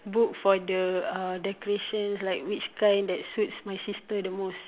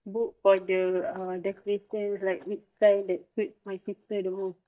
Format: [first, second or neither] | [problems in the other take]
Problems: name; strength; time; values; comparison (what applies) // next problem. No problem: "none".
first | noise reduction (neural mask model DeepFilterNet 3)